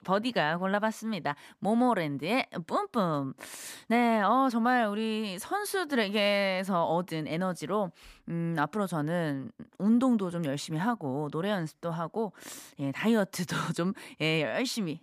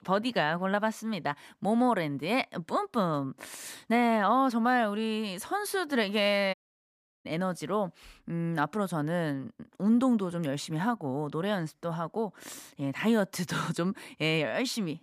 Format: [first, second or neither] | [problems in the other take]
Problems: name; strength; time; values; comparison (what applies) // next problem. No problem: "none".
first | audio cutting out; at 6.5 s for 0.5 s